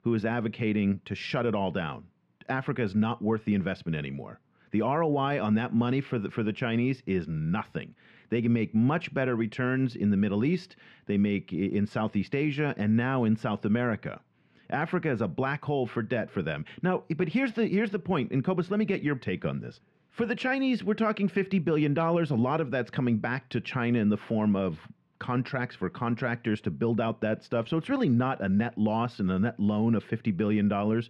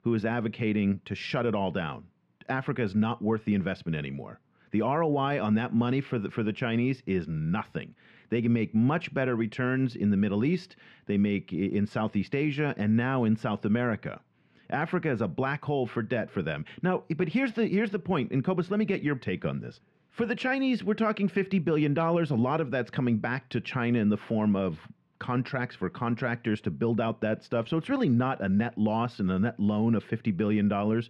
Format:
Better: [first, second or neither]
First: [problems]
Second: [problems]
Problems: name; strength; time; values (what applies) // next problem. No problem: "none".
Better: neither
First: muffled; slightly; fading above 2 kHz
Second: muffled; slightly; fading above 2 kHz